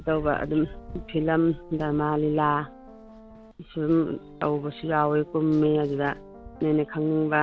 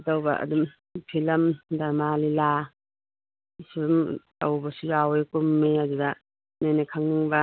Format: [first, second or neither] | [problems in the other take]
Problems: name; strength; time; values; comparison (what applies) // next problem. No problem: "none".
second | background sound (Run + Piano); 18 dB below the speech